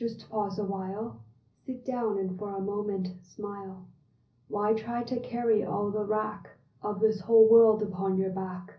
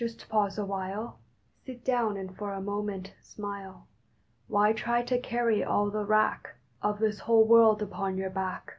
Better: second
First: room echo; dies away in 0.5 s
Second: none

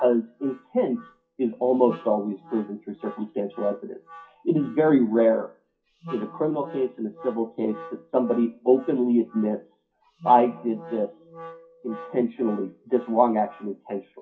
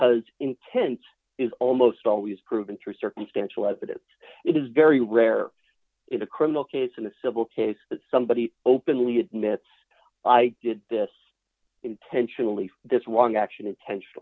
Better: second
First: noise reduction (classical method WPE with log-MMSE)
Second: none

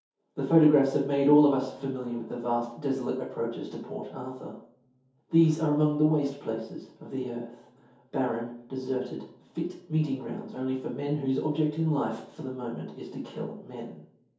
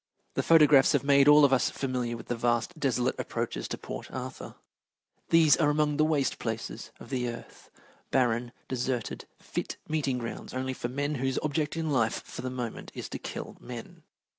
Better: second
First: room echo; dies away in 0.6 s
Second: none

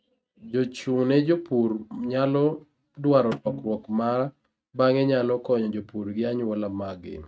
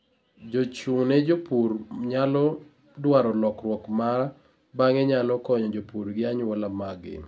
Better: second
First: noise reduction (neural mask model RNNoise)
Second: none

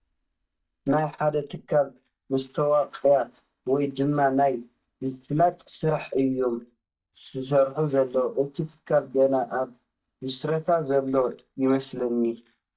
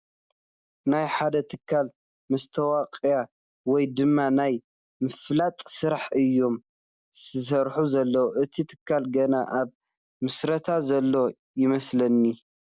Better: second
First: noise reduction (neural mask model DeepFilterNet 3)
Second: none

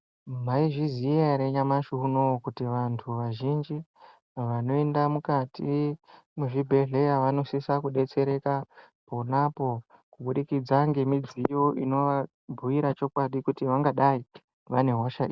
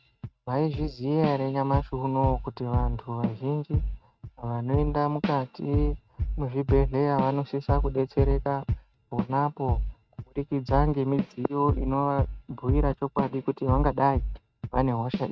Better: first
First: none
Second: noise reduction (neural mask model RNNoise)

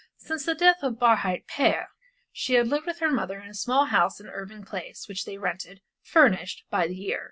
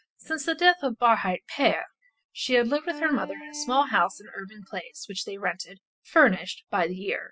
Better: first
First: none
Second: noise reduction (classical method spectral subtraction)

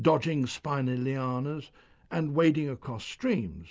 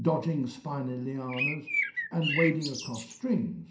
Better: first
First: none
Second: background sound (Bird); 2 dB below the speech // room echo; dies away in 0.5 s

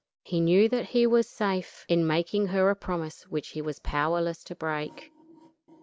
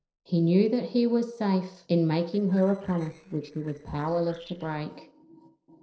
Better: first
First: none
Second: noise reduction (neural separator model SepFormer DNS4)

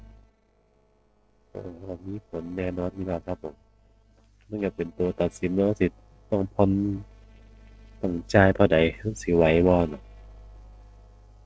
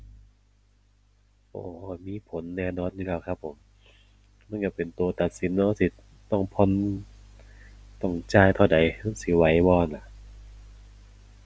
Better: second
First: noise reduction (neural separator model SepFormer DNS4)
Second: none

